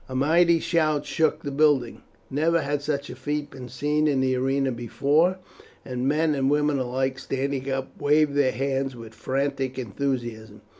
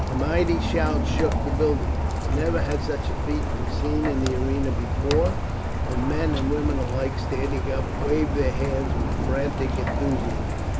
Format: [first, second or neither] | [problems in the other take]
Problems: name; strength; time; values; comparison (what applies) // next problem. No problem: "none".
first | background sound (Rain); 3 dB above the speech